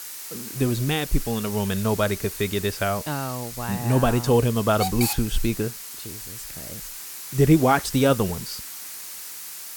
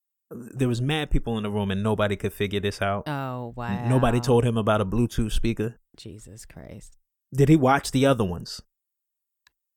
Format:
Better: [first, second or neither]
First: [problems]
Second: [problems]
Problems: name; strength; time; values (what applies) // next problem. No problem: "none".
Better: second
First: hiss; loud; throughout; 10 dB below the speech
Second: none